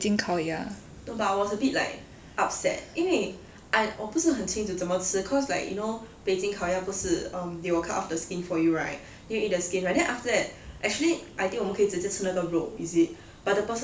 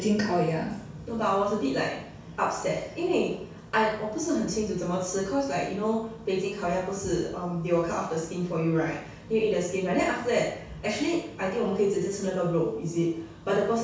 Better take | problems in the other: first | room echo; dies away in 0.6 s

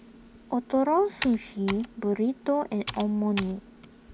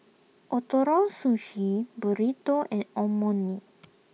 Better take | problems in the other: second | background sound (Computer keyboard); 14 dB below the speech

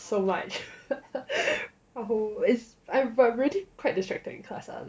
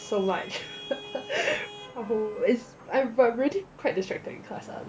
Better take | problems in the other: first | background sound (Traffic noise, roadway noise / Vehicle horn, car horn, honking); 16 dB below the speech

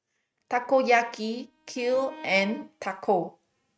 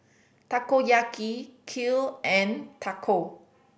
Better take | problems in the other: second | noise reduction (neural mask model RNNoise)

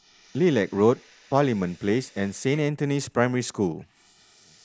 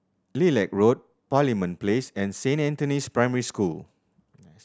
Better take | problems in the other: second | noise reduction (neural mask model Resemble Enhance denoiser)

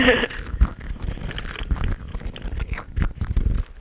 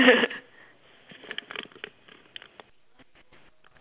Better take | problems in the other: second | background sound (Glass); 4 dB above the speech

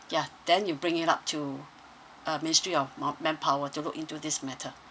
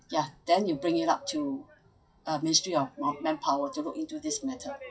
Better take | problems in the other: first | noise reduction (classical method WPE with log-MMSE)

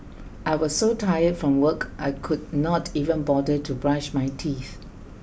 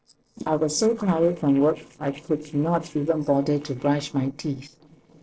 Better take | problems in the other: first | noise reduction (neural separator model SepFormer DNS4)

